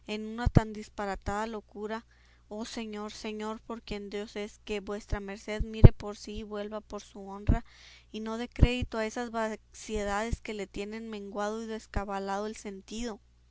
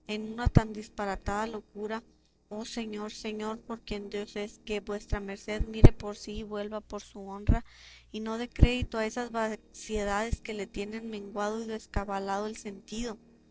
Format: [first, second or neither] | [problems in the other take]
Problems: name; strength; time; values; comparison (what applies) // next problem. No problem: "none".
first | noise reduction (neural separator model SepFormer DNS4)